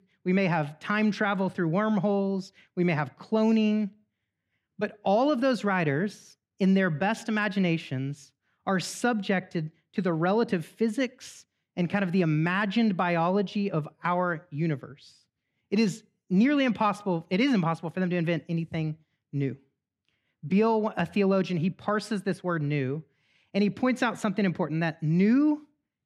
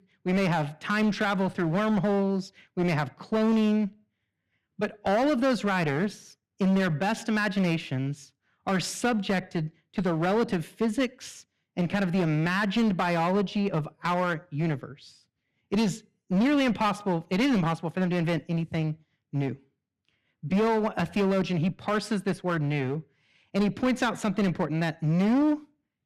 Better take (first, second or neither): first